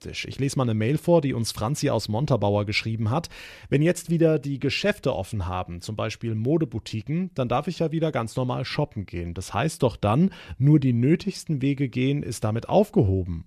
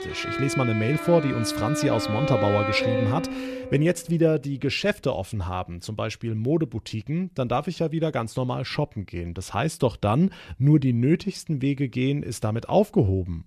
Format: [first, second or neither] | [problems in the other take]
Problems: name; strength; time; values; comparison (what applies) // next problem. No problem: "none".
first | background music; loud; until 3.5 s; 4 dB below the speech